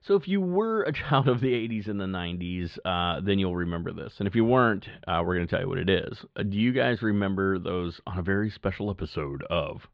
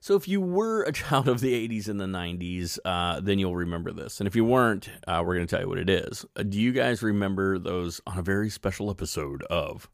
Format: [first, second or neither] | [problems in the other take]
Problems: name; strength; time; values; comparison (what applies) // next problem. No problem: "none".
second | muffled; slightly; fading above 4 kHz